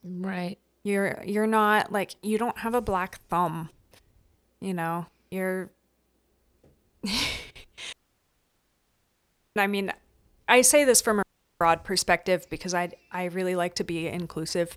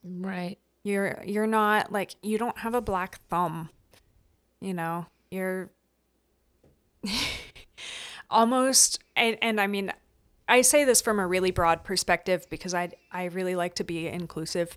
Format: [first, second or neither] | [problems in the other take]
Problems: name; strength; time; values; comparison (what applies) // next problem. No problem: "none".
second | audio cutting out; at 8 s for 1.5 s and at 11 s